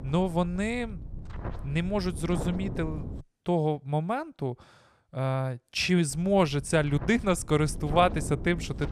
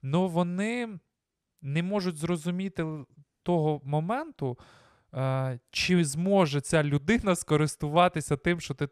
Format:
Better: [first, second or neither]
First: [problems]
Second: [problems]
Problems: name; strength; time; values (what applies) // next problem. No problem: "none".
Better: second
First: wind noise on the microphone; occasional gusts; until 3 s and from 6 s on; 15 dB below the speech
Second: none